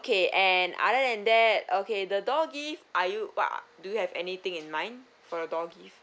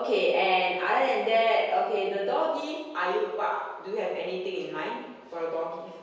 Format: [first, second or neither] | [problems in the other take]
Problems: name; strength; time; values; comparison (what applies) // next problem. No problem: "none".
first | room echo; dies away in 1.2 s